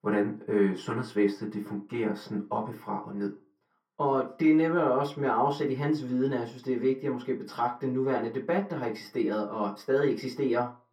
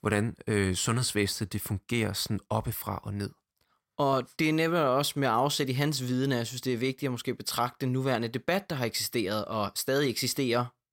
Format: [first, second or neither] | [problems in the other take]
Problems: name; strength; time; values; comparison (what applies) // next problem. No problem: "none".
second | room echo; slight; dies away in 0.3 s // off-mic speech; far